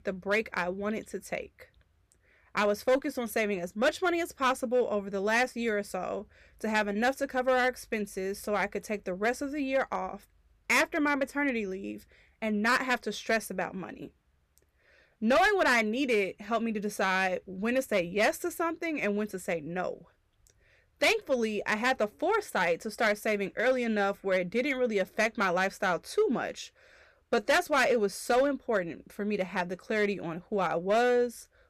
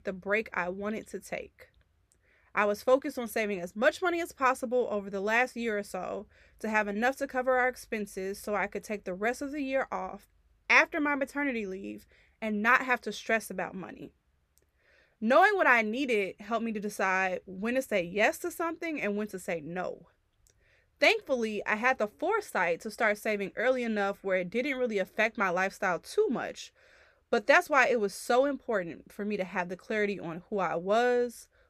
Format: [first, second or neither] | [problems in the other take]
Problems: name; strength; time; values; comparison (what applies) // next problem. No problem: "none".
second | distortion; slight; 3% of the sound clipped